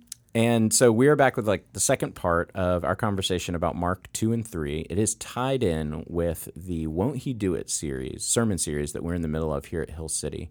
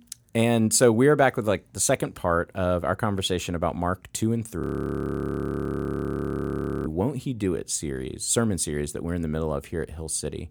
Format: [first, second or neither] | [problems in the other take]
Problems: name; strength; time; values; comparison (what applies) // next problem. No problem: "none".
first | audio freezing; at 4.5 s for 2.5 s